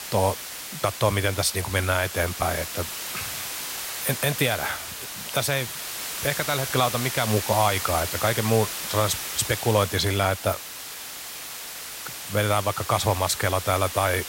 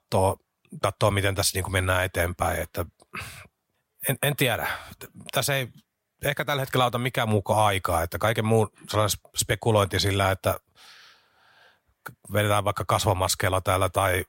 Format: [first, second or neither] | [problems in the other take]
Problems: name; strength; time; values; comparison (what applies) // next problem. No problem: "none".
second | hiss; loud; throughout; 6 dB below the speech